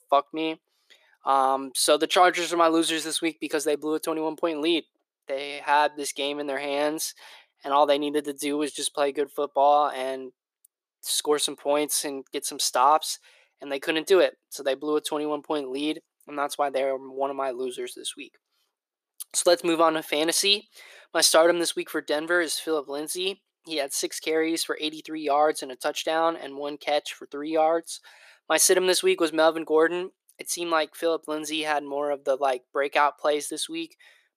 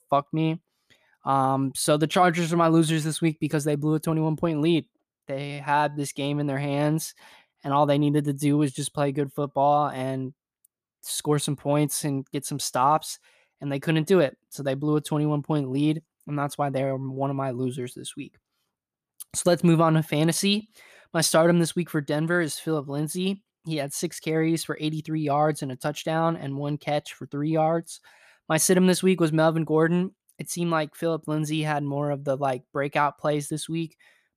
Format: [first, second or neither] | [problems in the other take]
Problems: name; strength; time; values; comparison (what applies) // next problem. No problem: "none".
second | thin; very; fading below 400 Hz